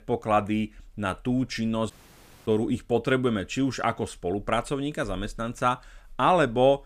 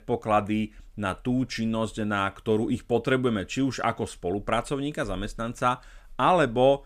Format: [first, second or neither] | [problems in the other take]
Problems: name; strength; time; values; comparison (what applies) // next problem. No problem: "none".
second | audio cutting out; at 2 s for 0.5 s